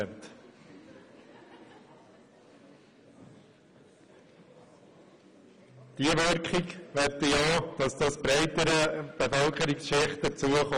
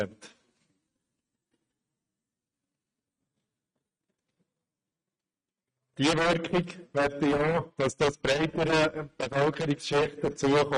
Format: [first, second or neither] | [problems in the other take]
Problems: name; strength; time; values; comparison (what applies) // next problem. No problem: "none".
first | noise reduction (neural mask model RNNoise)